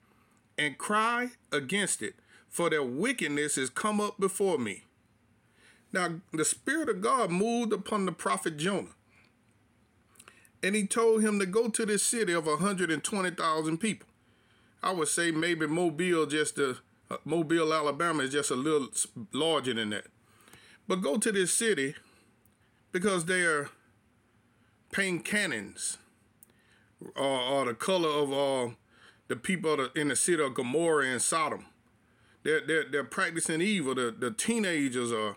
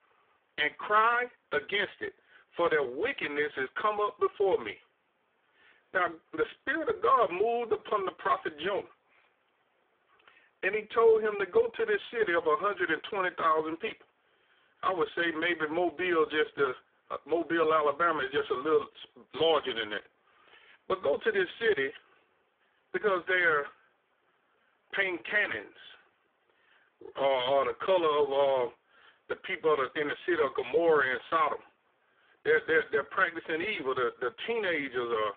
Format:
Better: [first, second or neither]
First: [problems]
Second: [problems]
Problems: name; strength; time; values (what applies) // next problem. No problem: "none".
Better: first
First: none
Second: phone-call audio; poor line